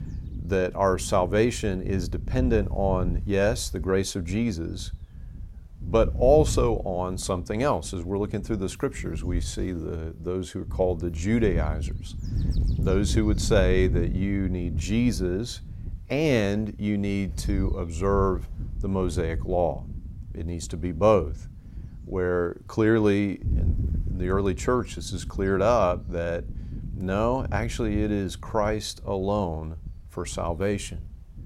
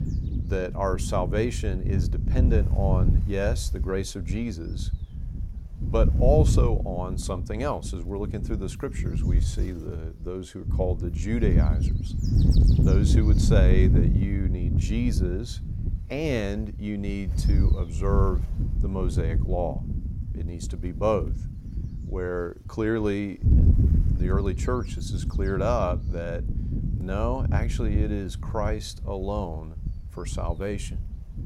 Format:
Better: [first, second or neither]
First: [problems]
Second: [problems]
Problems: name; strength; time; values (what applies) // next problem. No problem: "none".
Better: first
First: wind noise on the microphone; occasional gusts; 20 dB below the speech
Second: wind noise on the microphone; heavy; 8 dB below the speech